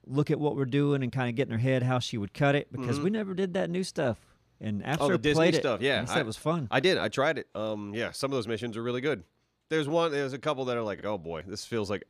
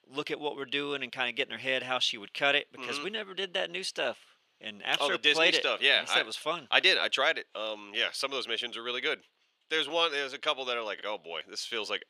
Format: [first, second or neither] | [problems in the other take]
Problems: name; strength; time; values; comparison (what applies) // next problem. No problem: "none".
first | thin; very; fading below 500 Hz